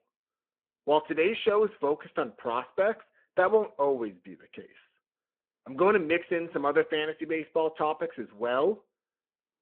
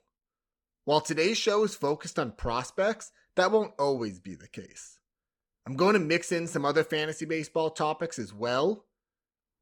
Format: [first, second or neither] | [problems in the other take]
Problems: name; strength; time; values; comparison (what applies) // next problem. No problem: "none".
second | phone-call audio